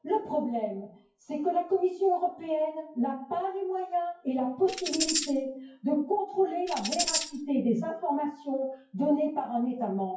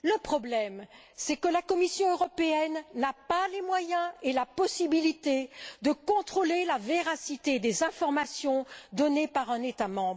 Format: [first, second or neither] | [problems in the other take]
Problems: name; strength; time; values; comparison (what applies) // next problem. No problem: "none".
second | noise reduction (classical method WPE with log-MMSE)